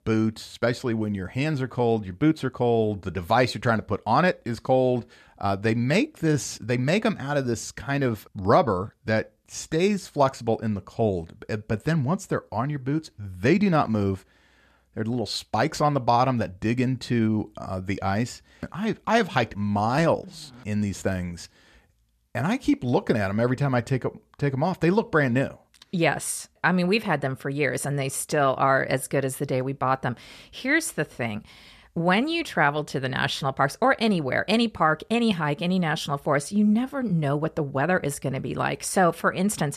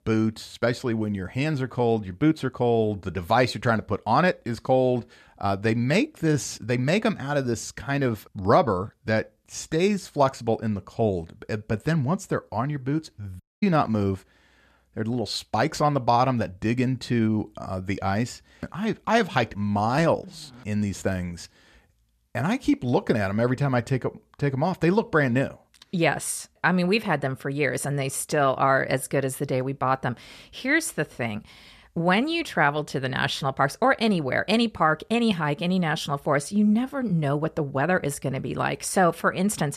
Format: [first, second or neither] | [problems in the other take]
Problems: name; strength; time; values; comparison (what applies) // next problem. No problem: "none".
first | audio cutting out; at 13 s